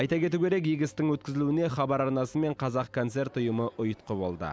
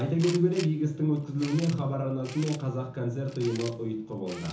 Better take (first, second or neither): first